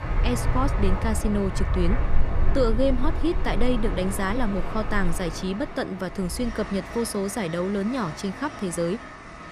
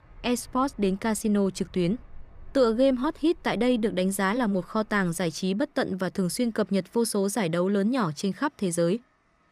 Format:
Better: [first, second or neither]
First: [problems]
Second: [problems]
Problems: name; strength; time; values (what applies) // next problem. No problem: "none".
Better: second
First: train or aircraft noise; loud; throughout; 3 dB below the speech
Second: train or aircraft noise; faint; throughout; 30 dB below the speech